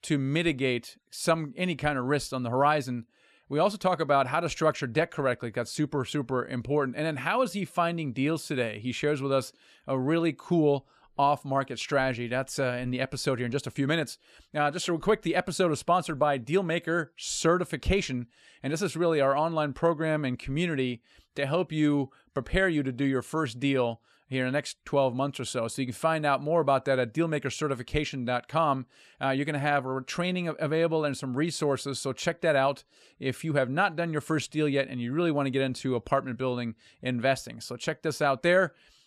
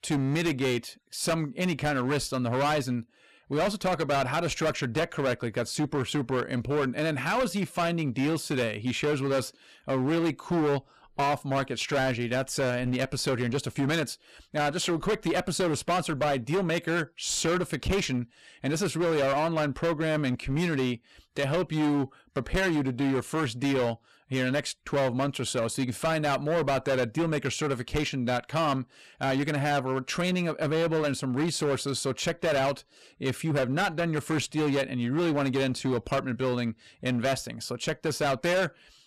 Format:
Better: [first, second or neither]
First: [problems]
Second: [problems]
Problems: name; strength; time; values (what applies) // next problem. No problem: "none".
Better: first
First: none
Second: distortion; heavy; 17% of the sound clipped